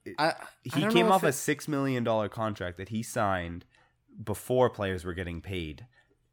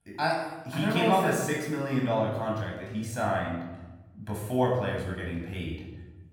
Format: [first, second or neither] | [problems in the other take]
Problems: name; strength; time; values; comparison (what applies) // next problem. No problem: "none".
first | off-mic speech; far // room echo; noticeable; dies away in 0.9 s